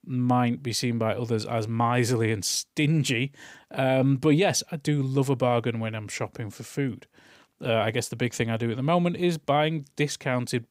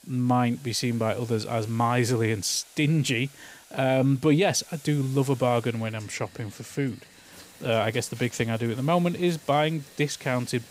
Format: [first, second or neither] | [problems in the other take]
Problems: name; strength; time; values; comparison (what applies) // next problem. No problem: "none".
first | household noises; faint; throughout; 20 dB below the speech